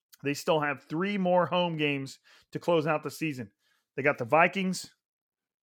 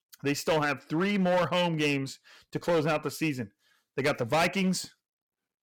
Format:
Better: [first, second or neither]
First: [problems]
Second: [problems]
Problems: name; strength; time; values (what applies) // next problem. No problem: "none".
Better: first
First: none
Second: distortion; heavy; 9% of the sound clipped